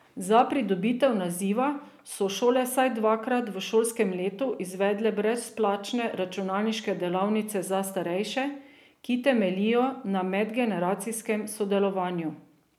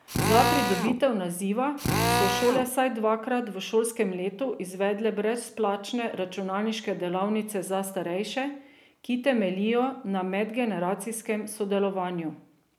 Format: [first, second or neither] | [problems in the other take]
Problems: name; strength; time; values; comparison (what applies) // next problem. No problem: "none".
first | background sound (Drill); as loud as the speech